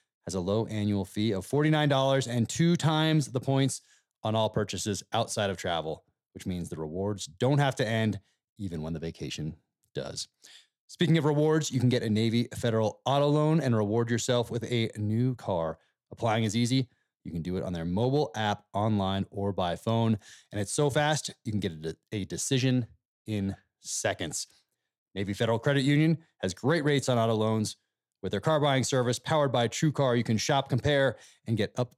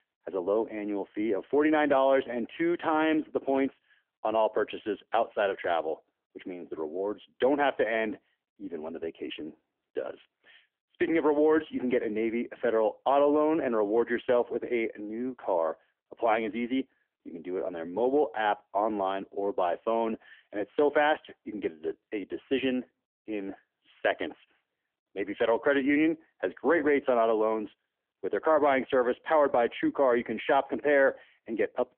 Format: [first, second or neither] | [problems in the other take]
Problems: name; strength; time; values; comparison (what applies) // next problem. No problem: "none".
first | phone-call audio; nothing above 3.5 kHz